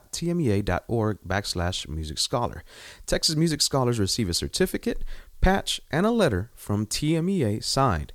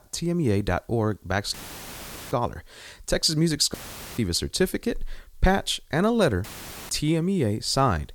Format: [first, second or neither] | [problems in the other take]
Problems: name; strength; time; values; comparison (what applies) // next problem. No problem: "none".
first | audio cutting out; filled with static; at 1.5 s for 1 s, at 3.5 s and at 6.5 s